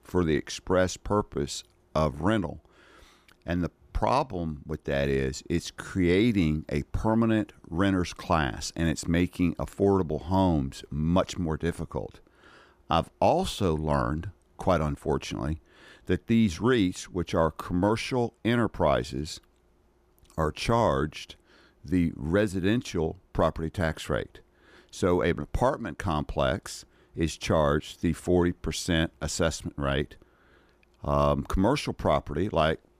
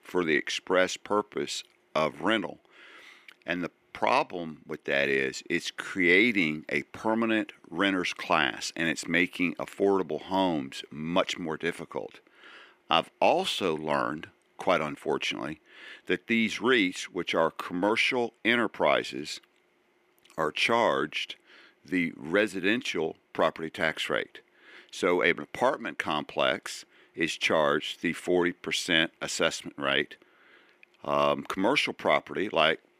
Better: first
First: none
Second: thin; very slightly; fading below 300 Hz

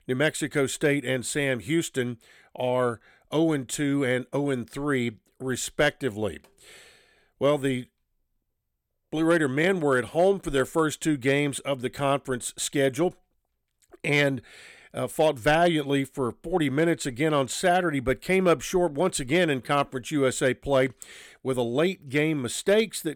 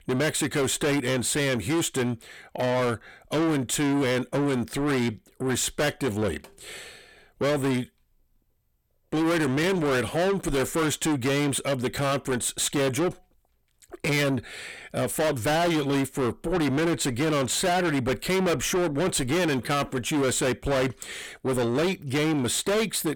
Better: first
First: none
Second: distortion; heavy; 6 dB below the speech

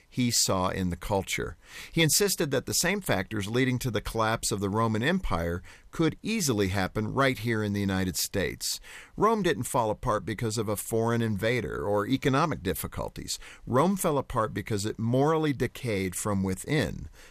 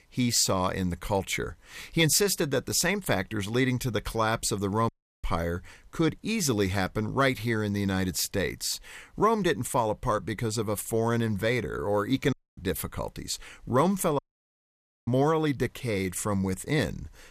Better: first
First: none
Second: audio cutting out; at 5 s, at 12 s and at 14 s for 1 s

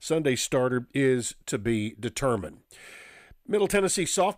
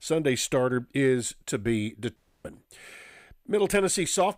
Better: first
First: none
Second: audio cutting out; at 2 s

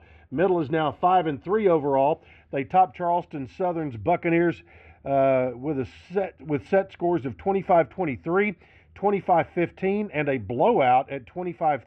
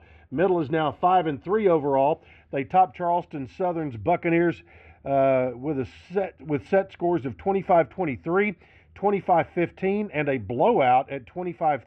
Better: neither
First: muffled; very; fading above 2.5 kHz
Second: muffled; very; fading above 2.5 kHz

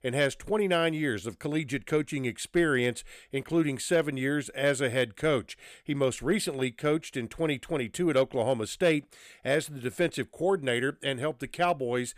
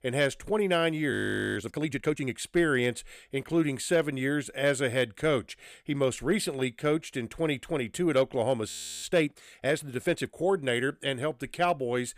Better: first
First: none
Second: audio freezing; at 1 s and at 8.5 s

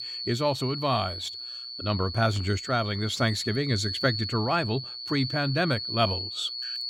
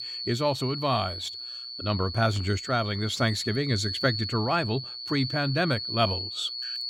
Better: neither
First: high-pitched whine; loud; throughout; 4.5 kHz, 5 dB below the speech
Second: high-pitched whine; loud; throughout; 4.5 kHz, 5 dB below the speech

